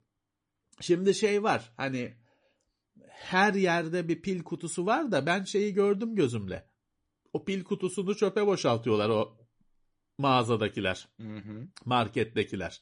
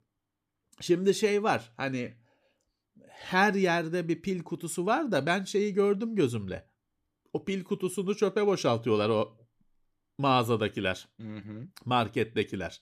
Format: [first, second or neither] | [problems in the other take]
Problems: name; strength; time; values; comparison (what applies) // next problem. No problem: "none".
second | garbled, watery; slightly; nothing above 10.5 kHz